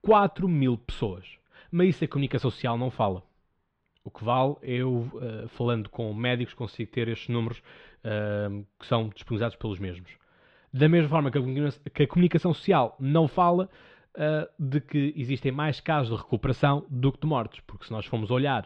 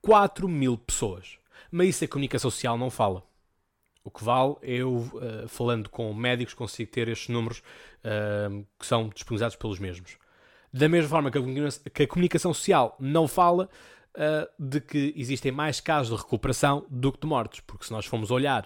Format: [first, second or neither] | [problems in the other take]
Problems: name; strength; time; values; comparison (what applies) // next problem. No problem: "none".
second | muffled; slightly; fading above 3.5 kHz